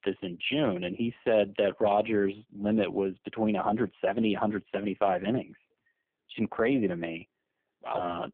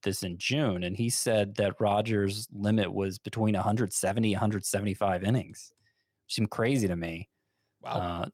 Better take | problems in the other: second | phone-call audio; poor line

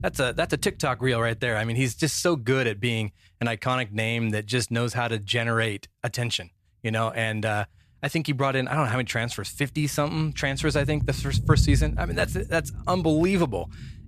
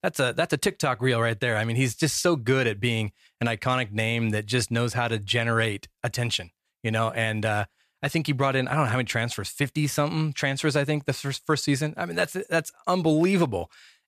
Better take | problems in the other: second | low rumble; noticeable; throughout; 20 dB below the speech

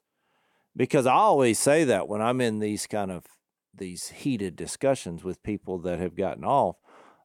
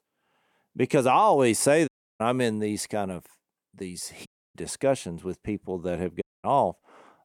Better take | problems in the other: first | audio cutting out; at 2 s, at 4.5 s and at 6 s

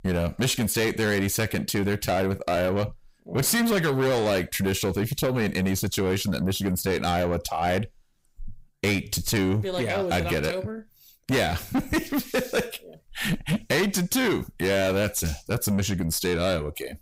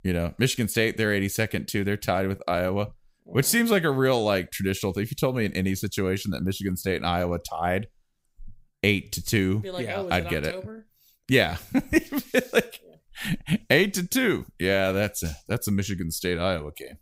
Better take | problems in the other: second | distortion; heavy; 6 dB below the speech

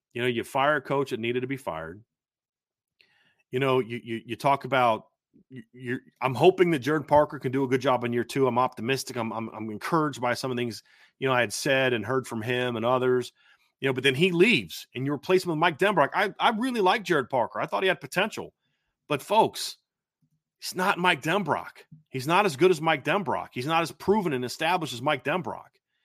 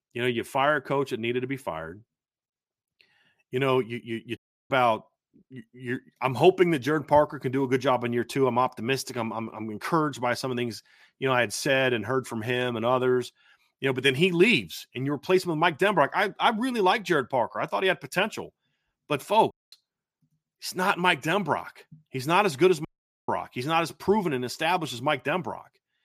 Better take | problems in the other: first | audio cutting out; at 4.5 s, at 20 s and at 23 s

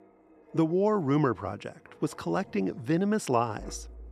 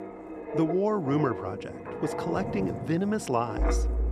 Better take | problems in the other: first | wind noise on the microphone; heavy; 5 dB below the speech; occasional gusts in the first

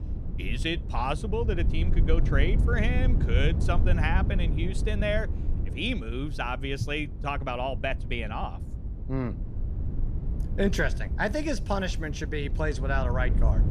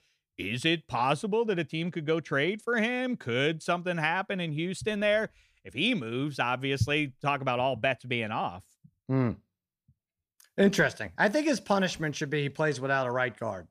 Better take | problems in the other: second | low rumble; noticeable; throughout; 10 dB below the speech

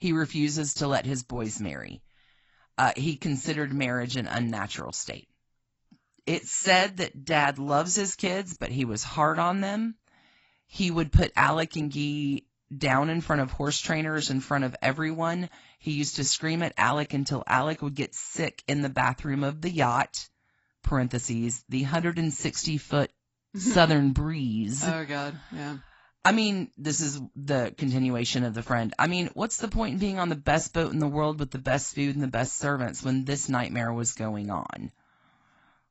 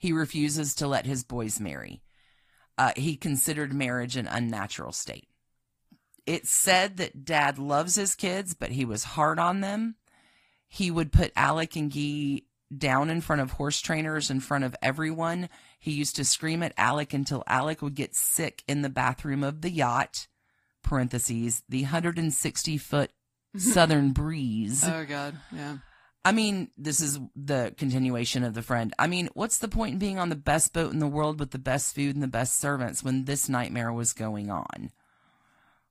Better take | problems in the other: second | garbled, watery; badly; nothing above 7.5 kHz; slightly in the second

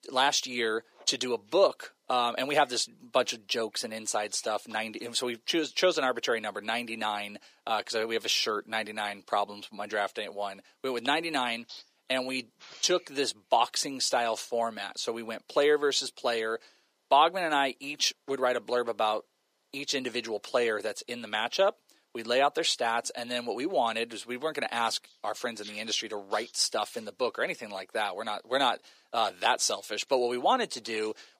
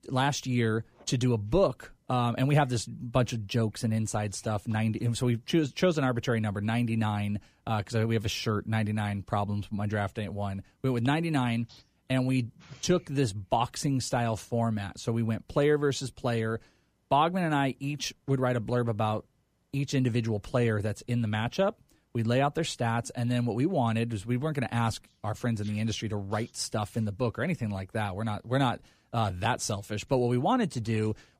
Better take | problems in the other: second | thin; very; fading below 400 Hz

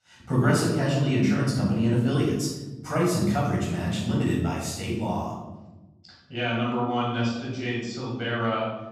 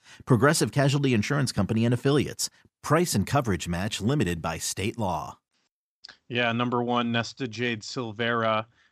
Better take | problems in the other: second | off-mic speech; far // room echo; noticeable; dies away in 1.1 s

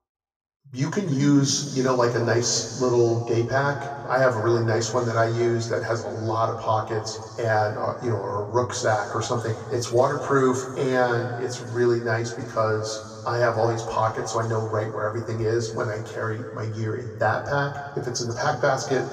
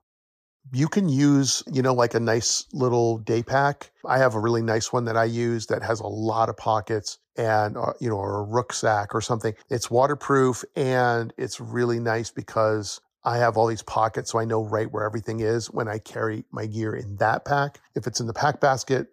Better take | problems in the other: second | room echo; slight; dies away in 2.1 s // off-mic speech; somewhat distant

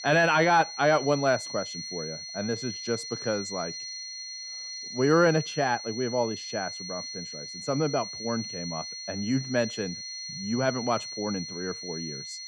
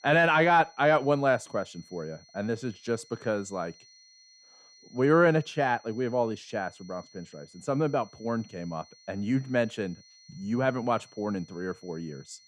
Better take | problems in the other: second | high-pitched whine; loud; throughout; 4 kHz, 8 dB below the speech; faint in the second

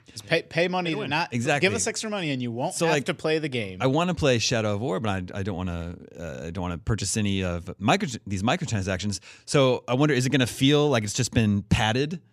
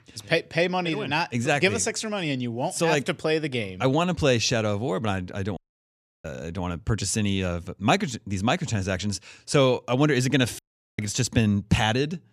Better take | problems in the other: first | audio cutting out; at 5.5 s for 0.5 s and at 11 s

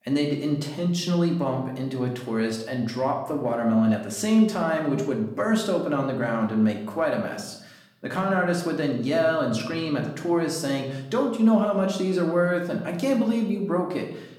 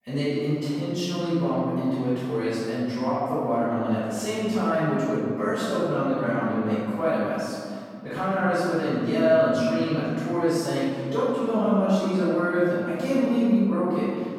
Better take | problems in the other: first | room echo; strong; dies away in 2.2 s; slight in the first // off-mic speech; far; somewhat distant in the first

